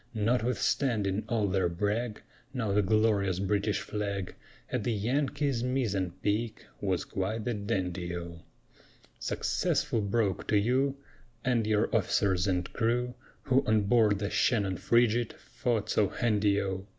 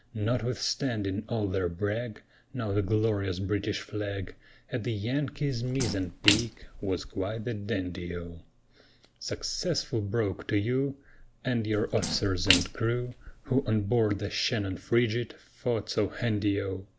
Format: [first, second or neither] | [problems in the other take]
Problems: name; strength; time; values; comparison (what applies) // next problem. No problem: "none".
first | background sound (Splash, splatter); 6 dB below the speech